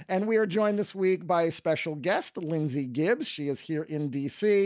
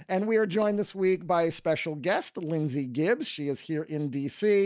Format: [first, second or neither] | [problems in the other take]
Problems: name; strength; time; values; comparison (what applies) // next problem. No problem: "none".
first | noise reduction (neural mask model DeepFilterNet 3)